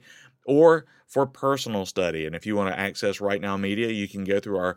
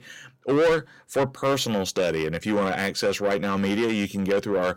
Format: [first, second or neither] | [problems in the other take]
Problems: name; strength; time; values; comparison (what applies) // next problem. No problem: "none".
first | distortion; heavy; 6 dB below the speech